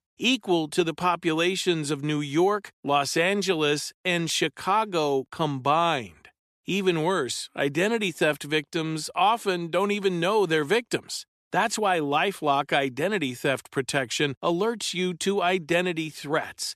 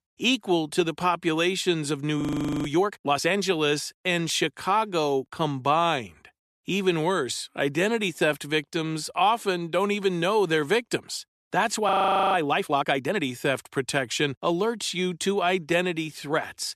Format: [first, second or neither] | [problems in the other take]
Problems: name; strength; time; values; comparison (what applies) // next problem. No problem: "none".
first | audio freezing; at 2 s and at 12 s